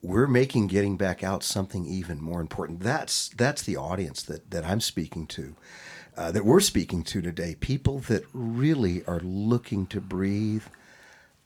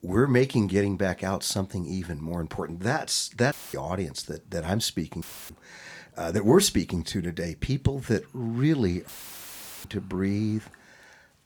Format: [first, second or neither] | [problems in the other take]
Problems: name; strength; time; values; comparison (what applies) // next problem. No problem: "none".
first | audio cutting out; filled with static; at 3.5 s, at 5 s and at 9 s for 1 s